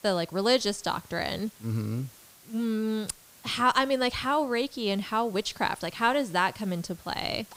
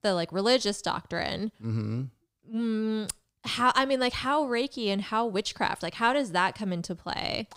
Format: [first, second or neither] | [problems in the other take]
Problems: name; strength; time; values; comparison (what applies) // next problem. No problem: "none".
second | hiss; faint; throughout; 25 dB below the speech